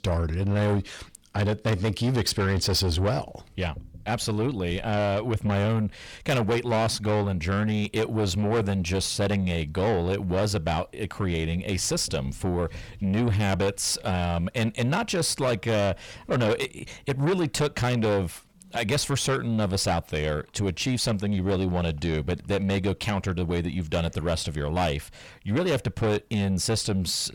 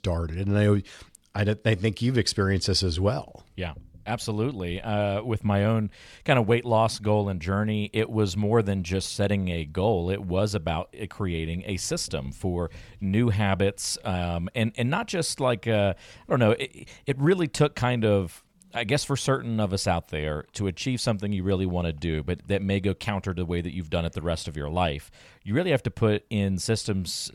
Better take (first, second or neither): second